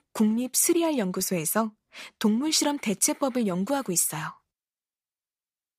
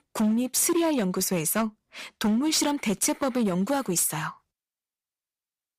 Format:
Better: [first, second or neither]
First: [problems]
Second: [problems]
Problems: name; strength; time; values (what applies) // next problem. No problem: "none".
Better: first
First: none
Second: distortion; slight; 9% of the sound clipped